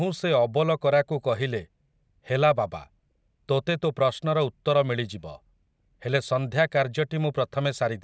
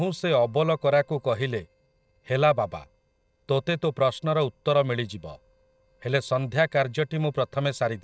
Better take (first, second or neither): first